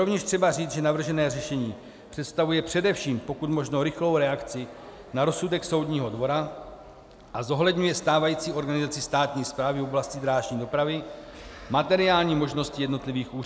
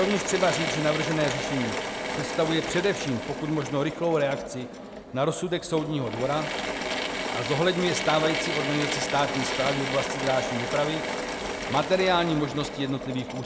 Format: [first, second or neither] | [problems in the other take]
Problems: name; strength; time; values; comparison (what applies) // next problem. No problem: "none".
first | background sound (Drill / Mechanisms); 4 dB below the speech